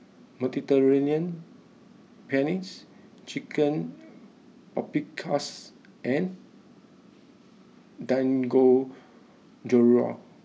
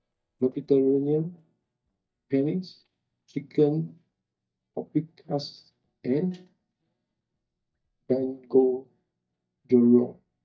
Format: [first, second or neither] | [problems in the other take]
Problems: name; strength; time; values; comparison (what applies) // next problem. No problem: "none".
first | noise reduction (neural mask model DeepFilterNet 3)